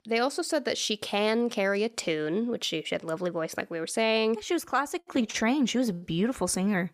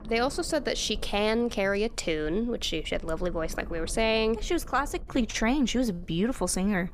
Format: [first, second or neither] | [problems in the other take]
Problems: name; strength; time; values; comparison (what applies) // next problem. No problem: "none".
first | low rumble; faint; throughout; 25 dB below the speech